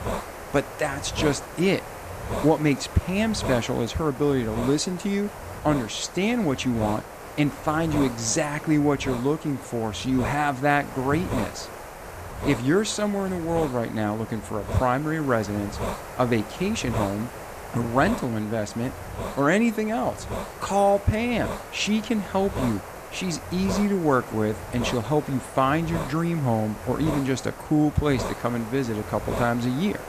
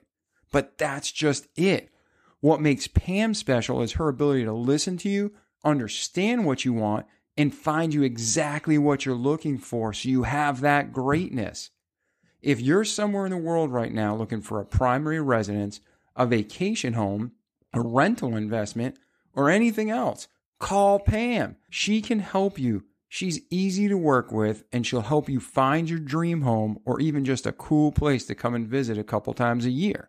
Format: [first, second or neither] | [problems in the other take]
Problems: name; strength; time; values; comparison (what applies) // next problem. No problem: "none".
second | hiss; loud; throughout; 10 dB below the speech